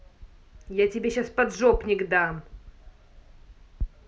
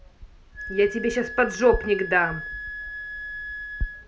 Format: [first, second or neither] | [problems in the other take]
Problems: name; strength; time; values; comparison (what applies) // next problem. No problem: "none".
first | background sound (Wind instrument, woodwind instrument); 10 dB below the speech